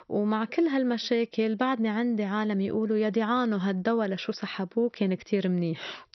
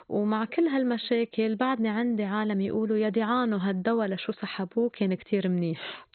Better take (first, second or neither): first